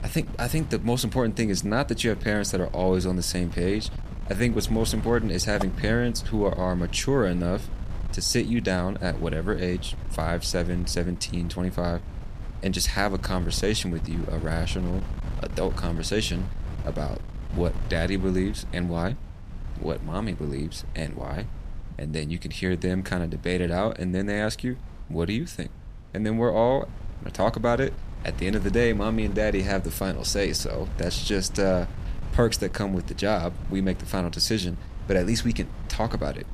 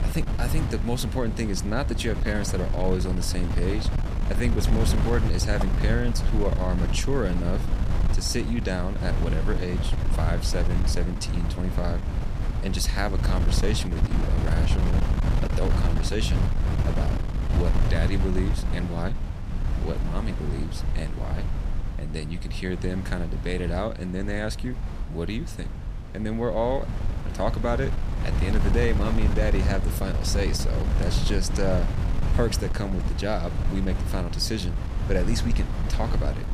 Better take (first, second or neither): first